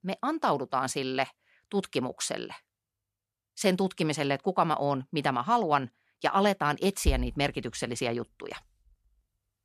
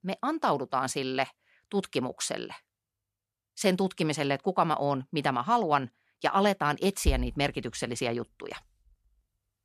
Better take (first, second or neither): neither